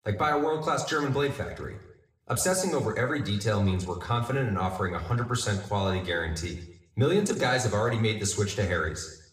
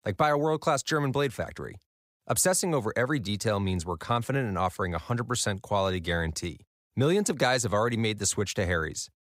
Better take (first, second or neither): second